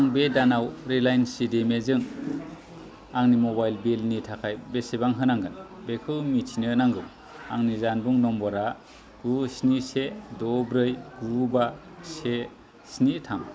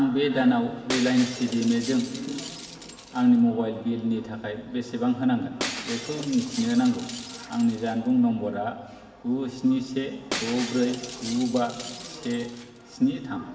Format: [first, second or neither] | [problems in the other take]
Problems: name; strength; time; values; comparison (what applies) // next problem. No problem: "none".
first | background sound (Shatter); 13 dB below the speech // room echo; dies away in 1.7 s